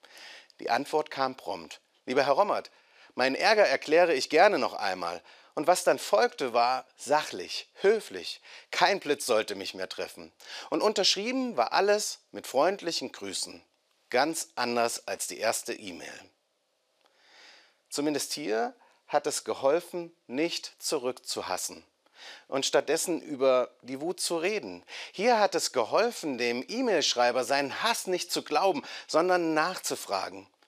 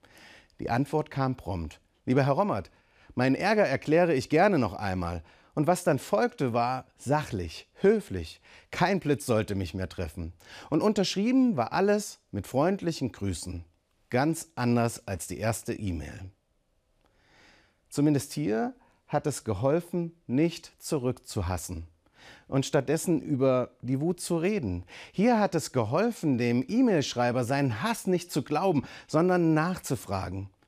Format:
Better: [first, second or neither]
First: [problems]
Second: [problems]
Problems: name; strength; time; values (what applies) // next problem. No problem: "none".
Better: second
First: thin; somewhat; fading below 500 Hz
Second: none